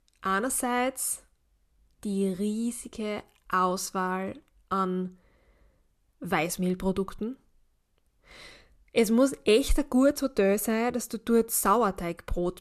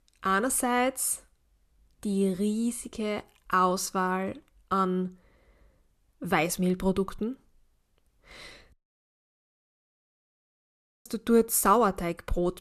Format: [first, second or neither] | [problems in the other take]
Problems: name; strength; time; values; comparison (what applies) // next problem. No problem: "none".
first | audio cutting out; at 8.5 s for 2.5 s